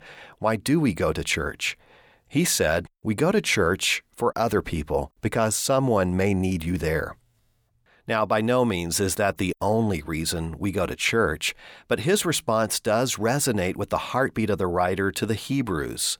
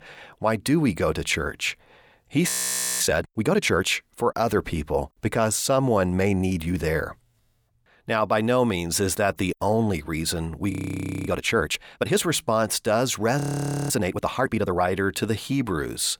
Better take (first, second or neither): first